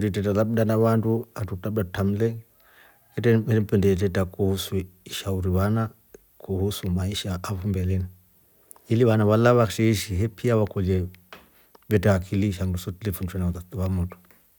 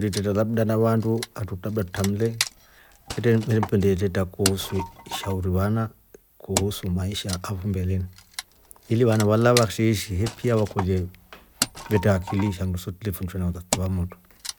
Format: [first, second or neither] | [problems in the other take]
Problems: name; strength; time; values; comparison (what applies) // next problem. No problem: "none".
first | background sound (Wood); 11 dB below the speech